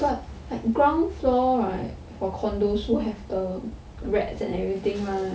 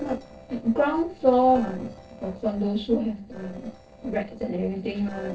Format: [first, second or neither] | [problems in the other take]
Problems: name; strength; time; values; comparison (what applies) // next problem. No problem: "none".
first | noise reduction (neural separator model SepFormer DNS4)